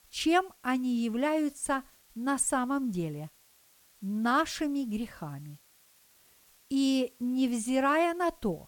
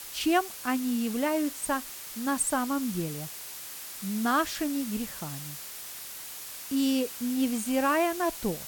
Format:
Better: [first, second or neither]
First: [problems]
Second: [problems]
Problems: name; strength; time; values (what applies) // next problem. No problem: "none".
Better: first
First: hiss; faint; throughout; 30 dB below the speech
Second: hiss; loud; throughout; 9 dB below the speech